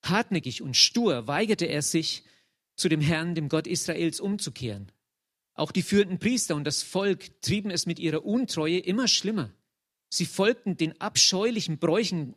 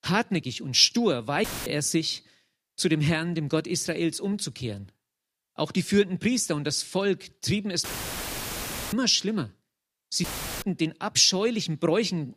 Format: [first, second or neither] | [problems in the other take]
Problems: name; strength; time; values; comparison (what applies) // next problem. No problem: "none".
first | audio cutting out; filled with static; at 1.5 s, at 8 s for 1 s and at 10 s